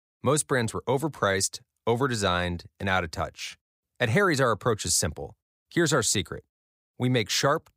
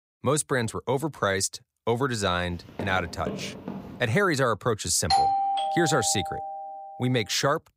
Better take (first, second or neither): first